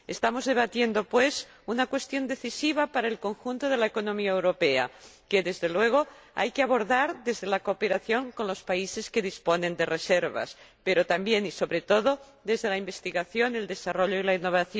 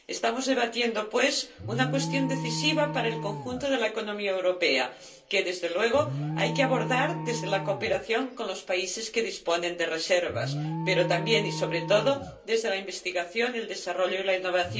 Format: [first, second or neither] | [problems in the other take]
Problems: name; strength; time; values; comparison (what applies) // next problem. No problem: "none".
first | background sound (Alarm); 9 dB below the speech // room echo; dies away in 0.3 s